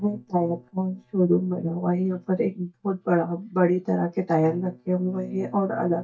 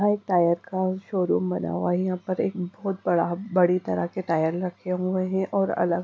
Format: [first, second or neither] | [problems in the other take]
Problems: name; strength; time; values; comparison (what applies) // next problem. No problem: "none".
second | noise reduction (neural mask model DeepFilterNet 3)